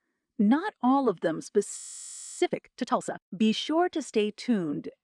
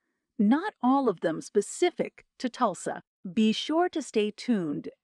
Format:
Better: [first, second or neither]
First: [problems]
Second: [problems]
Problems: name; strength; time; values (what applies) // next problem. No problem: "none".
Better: second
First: audio freezing; at 2 s for 0.5 s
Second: none